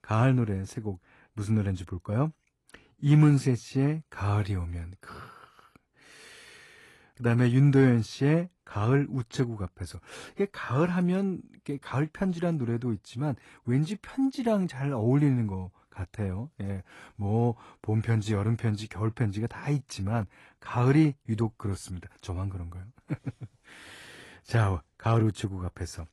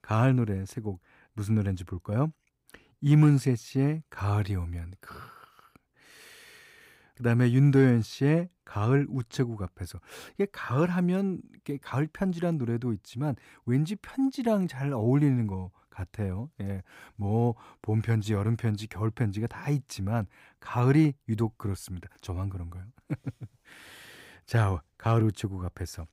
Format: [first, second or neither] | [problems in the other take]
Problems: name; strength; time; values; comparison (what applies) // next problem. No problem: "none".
second | garbled, watery; slightly; nothing above 11.5 kHz